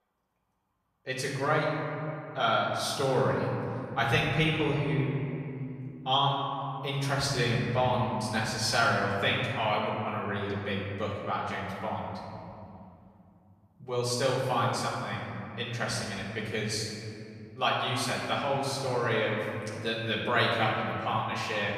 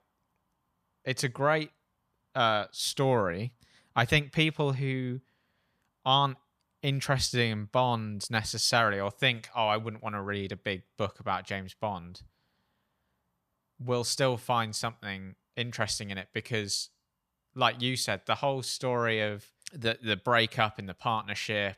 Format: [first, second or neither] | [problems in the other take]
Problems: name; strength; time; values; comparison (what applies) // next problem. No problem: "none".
second | room echo; noticeable; dies away in 2.7 s // off-mic speech; far